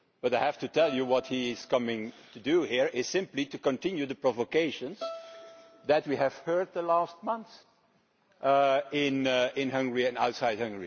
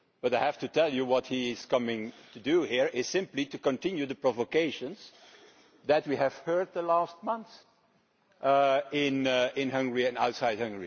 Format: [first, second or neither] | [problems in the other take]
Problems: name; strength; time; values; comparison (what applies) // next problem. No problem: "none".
second | background sound (Bowed string instrument); 18 dB below the speech